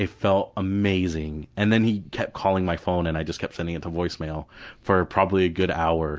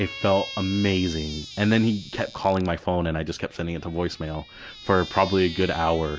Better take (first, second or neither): first